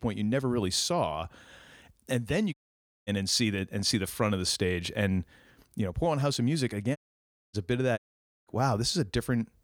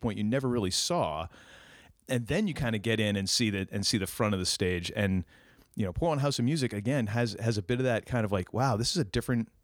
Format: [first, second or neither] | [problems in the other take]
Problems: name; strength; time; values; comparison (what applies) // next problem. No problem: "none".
second | audio cutting out; at 2.5 s for 0.5 s, at 7 s for 0.5 s and at 8 s